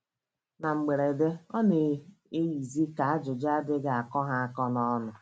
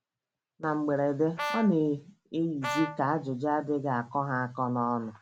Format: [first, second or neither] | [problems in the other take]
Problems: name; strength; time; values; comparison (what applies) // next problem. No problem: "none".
first | background sound (Brass instrument); 8 dB below the speech